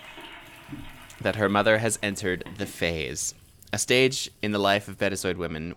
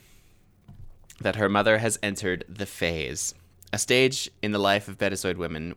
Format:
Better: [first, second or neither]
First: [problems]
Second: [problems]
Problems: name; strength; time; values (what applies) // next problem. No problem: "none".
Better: second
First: household noises; faint; throughout; 20 dB below the speech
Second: none